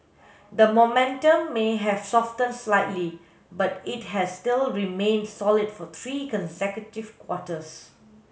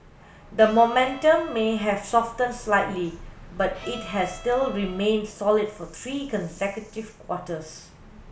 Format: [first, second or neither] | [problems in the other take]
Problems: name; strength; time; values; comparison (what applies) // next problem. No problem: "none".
first | background sound (Bird vocalization, bird call, bird song + Bowed string instrument); 18 dB below the speech